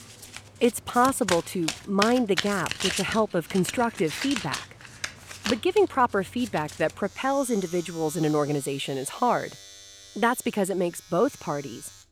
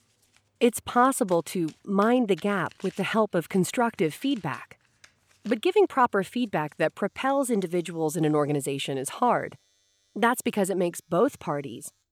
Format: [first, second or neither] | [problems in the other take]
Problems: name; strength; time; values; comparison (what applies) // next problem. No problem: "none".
second | household noises; loud; throughout; 9 dB below the speech; faint in the second